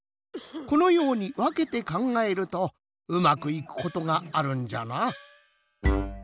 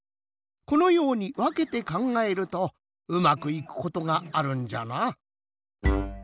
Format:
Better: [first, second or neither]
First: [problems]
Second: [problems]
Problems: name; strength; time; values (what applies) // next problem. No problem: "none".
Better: second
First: background sound (Cough + Gong); 19 dB below the speech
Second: none